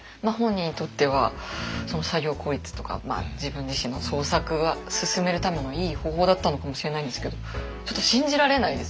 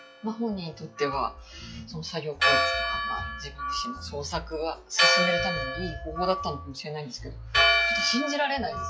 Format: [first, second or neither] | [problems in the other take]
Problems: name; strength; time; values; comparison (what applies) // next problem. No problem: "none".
first | noise reduction (classical method log-MMSE)